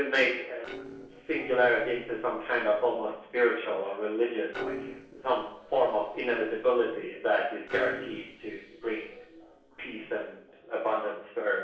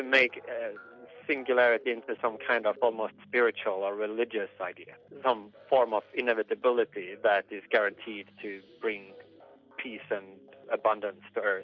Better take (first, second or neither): second